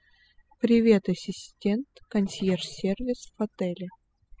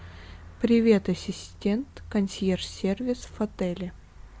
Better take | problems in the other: second | noise reduction (classical method spectral subtraction)

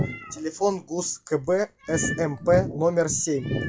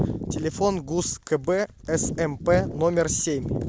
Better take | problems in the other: second | noise reduction (classical method WPE with log-MMSE)

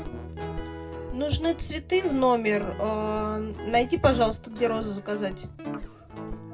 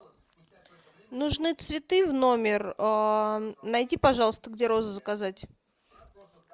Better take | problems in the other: second | background sound (Guitar); 9 dB below the speech // room echo; dies away in 0.2 s

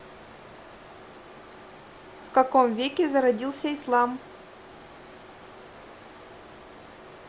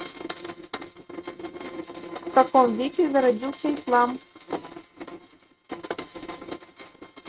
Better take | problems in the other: first | noise reduction (neural mask model RNNoise)

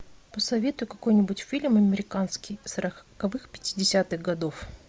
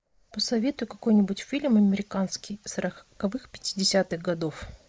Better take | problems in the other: first | noise reduction (neural mask model Resemble Enhance denoiser)

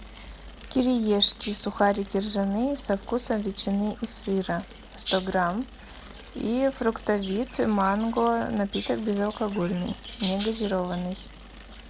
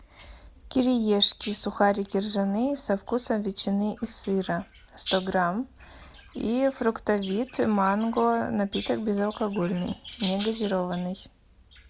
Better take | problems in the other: second | background sound (Mechanisms / Bicycle); 18 dB below the speech

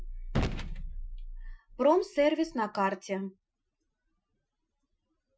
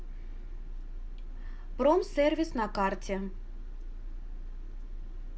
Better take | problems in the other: second | noise reduction (classical method Wiener filter)

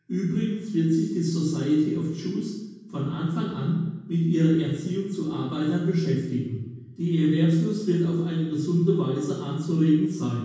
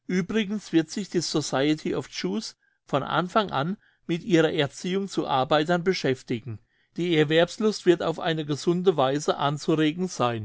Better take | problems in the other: second | room echo; dies away in 1.2 s

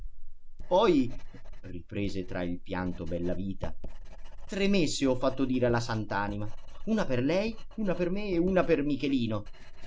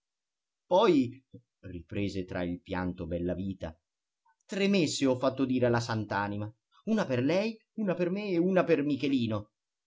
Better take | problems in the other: second | background sound (Writing); 5 dB below the speech

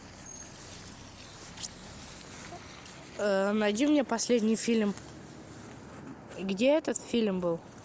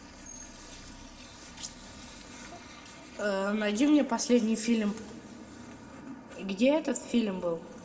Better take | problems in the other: first | room echo; dies away in 1.1 s

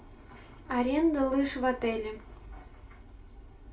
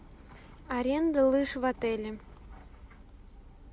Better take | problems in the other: second | room echo; dies away in 0.3 s

